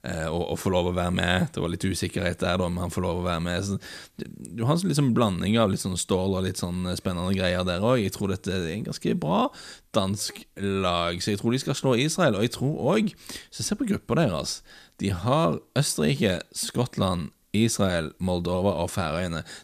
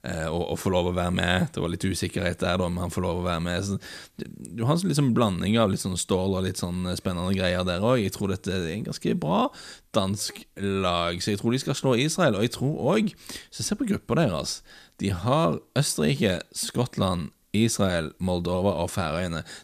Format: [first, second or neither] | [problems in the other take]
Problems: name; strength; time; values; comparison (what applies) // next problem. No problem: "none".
neither | none